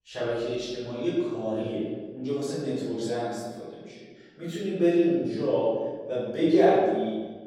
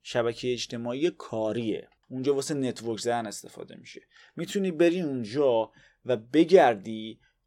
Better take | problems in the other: second | off-mic speech; far // room echo; strong; dies away in 1.4 s

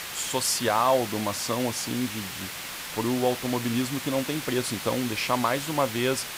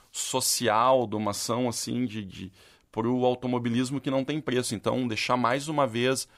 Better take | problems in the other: second | hiss; loud; throughout; 7 dB below the speech

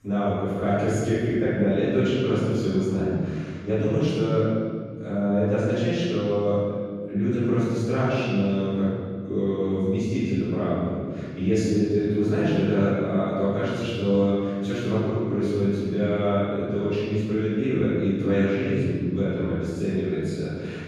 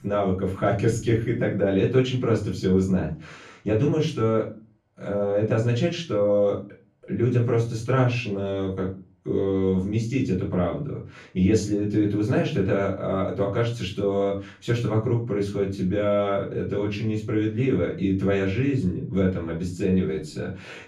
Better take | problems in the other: second | room echo; strong; dies away in 2.2 s; slight in the second // off-mic speech; far; far in the second

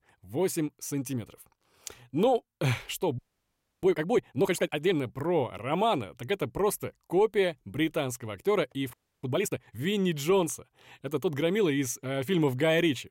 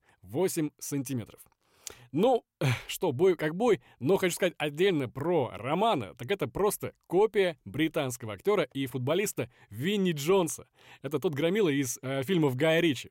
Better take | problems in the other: second | audio freezing; at 3 s for 0.5 s and at 9 s

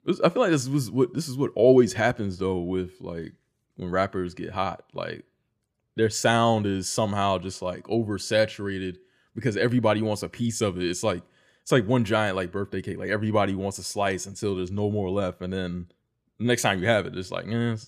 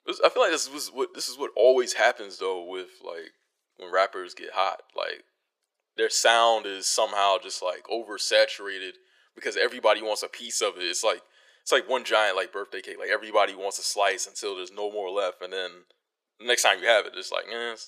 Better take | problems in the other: first | thin; very; fading below 450 Hz

